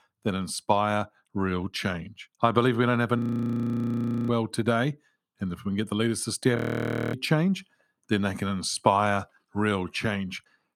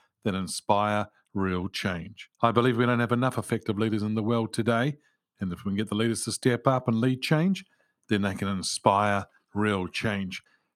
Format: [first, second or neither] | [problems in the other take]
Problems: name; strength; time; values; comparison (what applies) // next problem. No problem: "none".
second | audio freezing; at 3 s for 1 s and at 6.5 s for 0.5 s